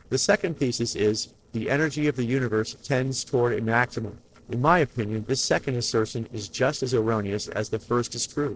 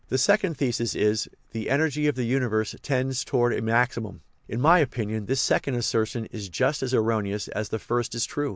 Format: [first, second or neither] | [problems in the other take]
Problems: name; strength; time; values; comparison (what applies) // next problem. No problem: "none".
second | noise reduction (neural separator model SepFormer DNS4)